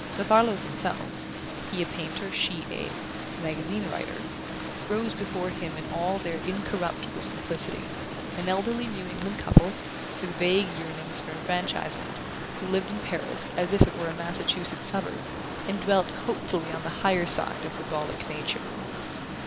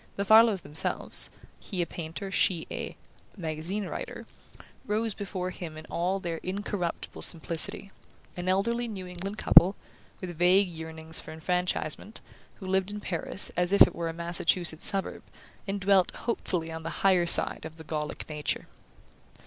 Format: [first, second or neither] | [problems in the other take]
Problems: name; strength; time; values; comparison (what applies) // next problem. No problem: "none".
second | background sound (Boat, Water vehicle); 6 dB below the speech